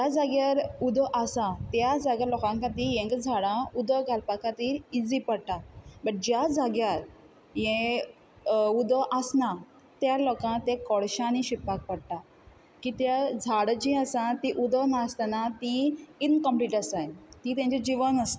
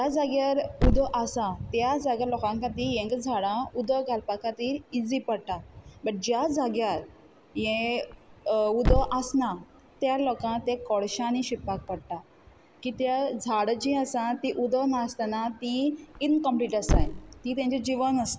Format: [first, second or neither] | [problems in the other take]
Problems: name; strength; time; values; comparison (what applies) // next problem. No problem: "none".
first | background sound (Thump, thud); 7 dB below the speech